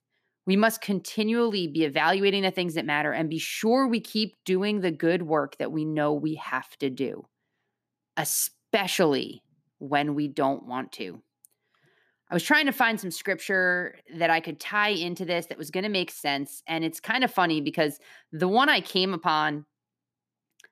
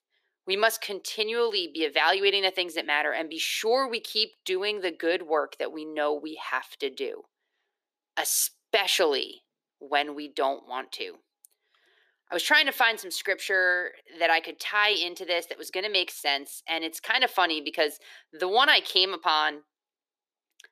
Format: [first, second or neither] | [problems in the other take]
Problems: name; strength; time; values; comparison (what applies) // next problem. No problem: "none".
first | thin; very; fading below 400 Hz